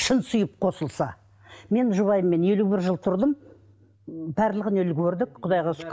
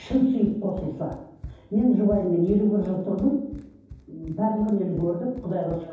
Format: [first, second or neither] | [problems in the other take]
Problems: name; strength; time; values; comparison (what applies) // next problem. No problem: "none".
first | background sound (Run); 18 dB below the speech // room echo; dies away in 0.9 s